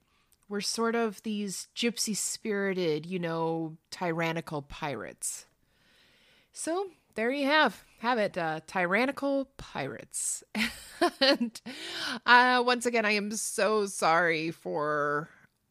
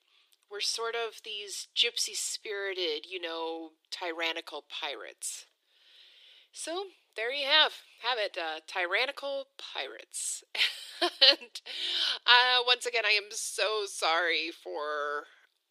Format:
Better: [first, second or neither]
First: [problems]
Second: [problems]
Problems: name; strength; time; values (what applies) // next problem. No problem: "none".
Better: first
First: none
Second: thin; very; fading below 350 Hz